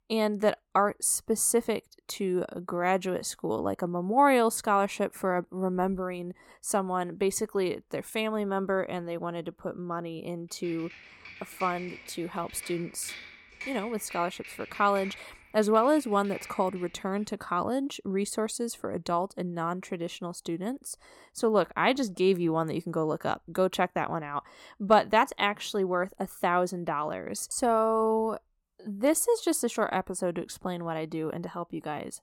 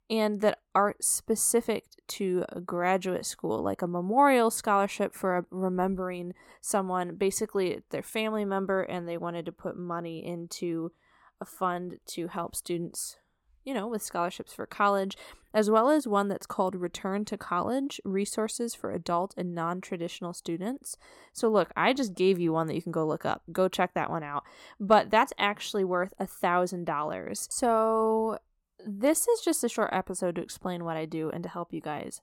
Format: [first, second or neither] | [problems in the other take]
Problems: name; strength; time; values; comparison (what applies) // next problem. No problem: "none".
second | keyboard typing; faint; from 11 to 17 s; peak 10 dB below the speech